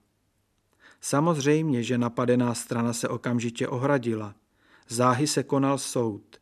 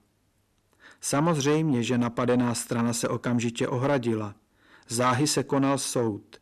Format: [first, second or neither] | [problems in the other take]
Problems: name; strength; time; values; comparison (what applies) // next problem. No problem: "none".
first | distortion; slight; 10 dB below the speech